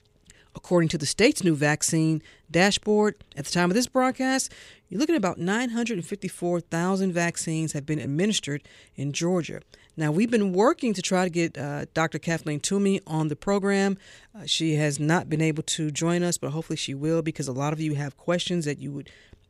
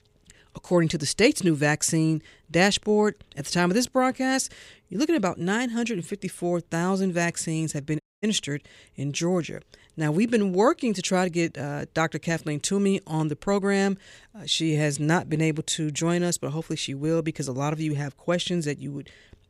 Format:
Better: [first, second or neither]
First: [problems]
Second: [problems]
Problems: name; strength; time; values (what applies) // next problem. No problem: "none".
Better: first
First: none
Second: audio cutting out; at 8 s